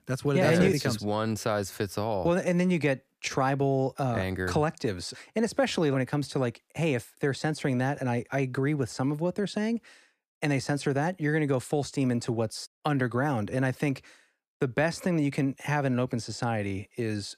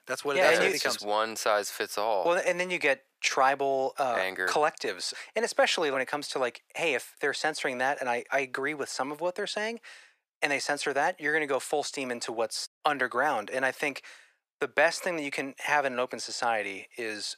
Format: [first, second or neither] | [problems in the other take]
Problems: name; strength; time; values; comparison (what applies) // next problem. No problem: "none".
first | thin; very; fading below 650 Hz